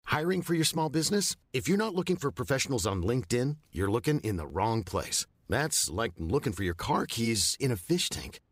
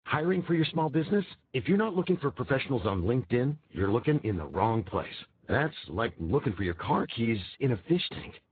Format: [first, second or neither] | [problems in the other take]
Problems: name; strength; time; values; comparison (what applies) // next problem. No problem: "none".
first | garbled, watery; badly; nothing above 4 kHz